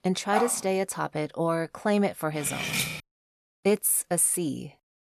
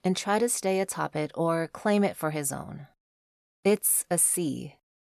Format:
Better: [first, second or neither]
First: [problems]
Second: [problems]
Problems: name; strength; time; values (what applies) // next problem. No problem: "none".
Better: second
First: dog barking; noticeable; at 0.5 s; peak 4 dB below the speech // clattering dishes; noticeable; at 2.5 s; peak 1 dB below the speech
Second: none